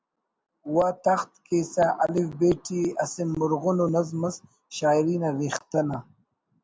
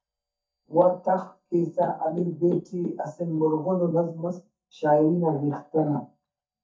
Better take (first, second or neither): first